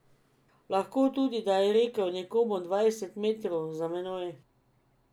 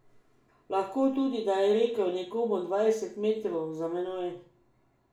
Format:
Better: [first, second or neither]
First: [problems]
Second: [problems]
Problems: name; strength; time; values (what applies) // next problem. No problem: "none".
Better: first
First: none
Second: room echo; dies away in 0.4 s